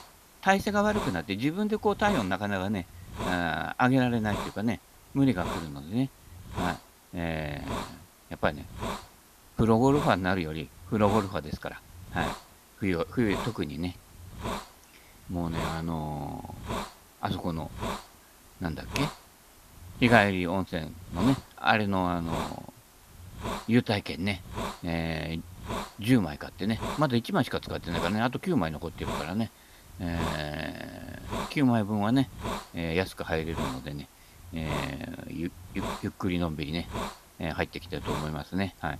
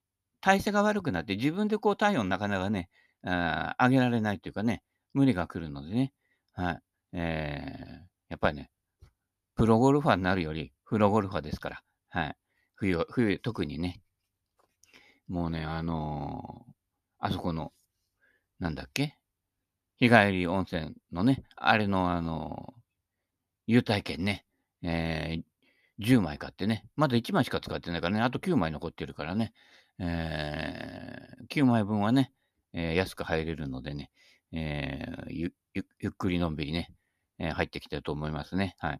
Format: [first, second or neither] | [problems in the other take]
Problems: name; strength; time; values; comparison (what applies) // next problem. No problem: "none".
second | hiss; loud; throughout; 9 dB below the speech